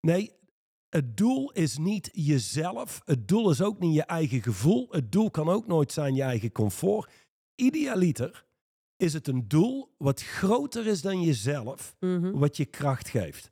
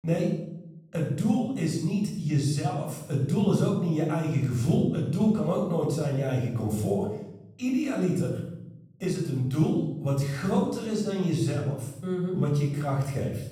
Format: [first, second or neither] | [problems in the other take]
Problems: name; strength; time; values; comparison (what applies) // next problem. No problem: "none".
first | off-mic speech; far // room echo; noticeable; dies away in 0.8 s